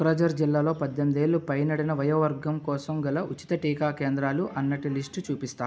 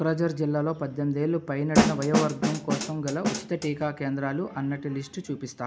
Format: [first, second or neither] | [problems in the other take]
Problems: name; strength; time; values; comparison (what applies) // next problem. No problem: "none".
first | background sound (Snare drum); 2 dB above the speech